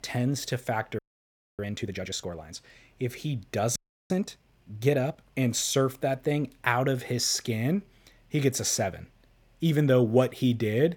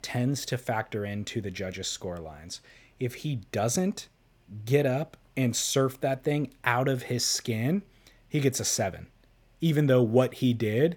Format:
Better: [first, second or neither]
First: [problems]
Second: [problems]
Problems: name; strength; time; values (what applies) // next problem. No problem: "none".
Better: second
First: audio freezing; at 1 s for 0.5 s and at 4 s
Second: none